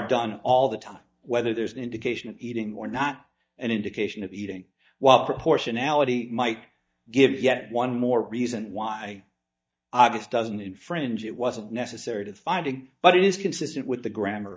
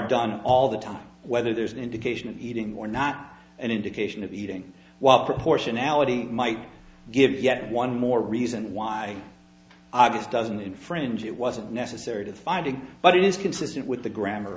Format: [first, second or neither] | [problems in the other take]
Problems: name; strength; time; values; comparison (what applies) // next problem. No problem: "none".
second | noise reduction (neural mask model DeepFilterNet 3)